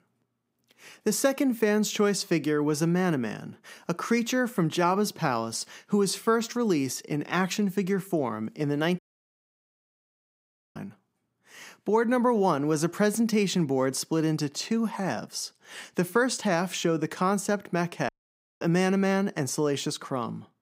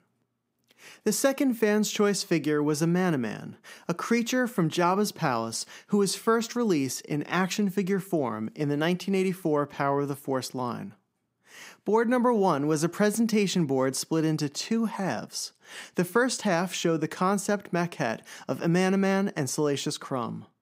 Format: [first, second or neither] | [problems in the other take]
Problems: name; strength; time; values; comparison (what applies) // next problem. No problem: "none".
second | audio cutting out; at 9 s for 2 s and at 18 s for 0.5 s